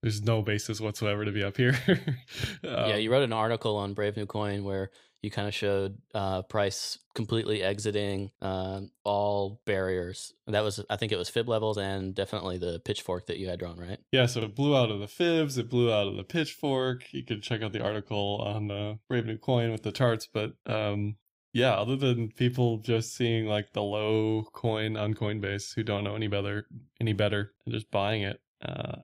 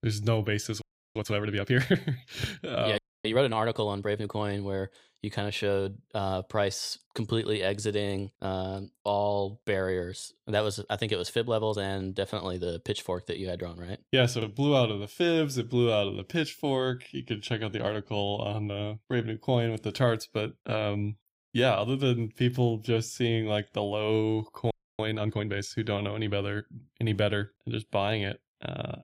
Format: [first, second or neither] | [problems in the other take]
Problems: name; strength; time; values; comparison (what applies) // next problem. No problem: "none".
first | audio freezing; at 1 s, at 3 s and at 25 s